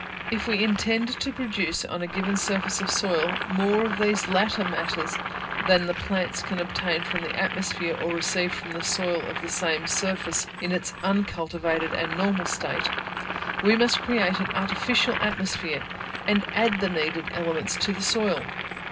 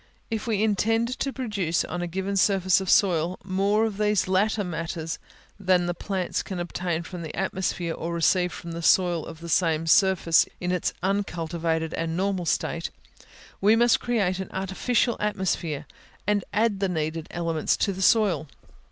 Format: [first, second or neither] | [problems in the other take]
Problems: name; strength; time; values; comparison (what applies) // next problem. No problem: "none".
second | background sound (Boiling); 6 dB below the speech // room echo; dies away in 0.2 s